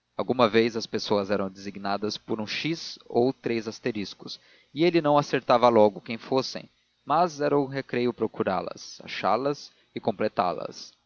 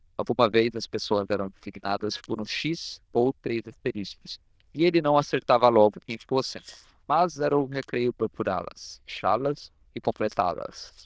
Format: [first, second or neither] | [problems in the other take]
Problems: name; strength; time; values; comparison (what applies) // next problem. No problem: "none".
first | noise reduction (neural diffusion model UNIVERSE++)